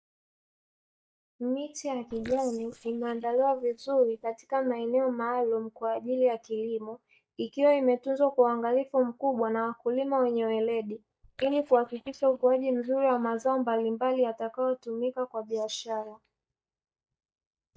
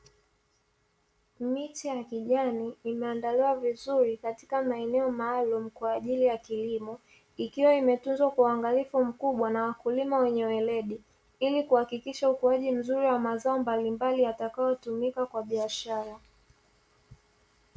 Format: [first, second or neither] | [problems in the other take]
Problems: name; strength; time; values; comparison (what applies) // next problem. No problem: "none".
second | noise reduction (neural mask model DeepFilterNet 3)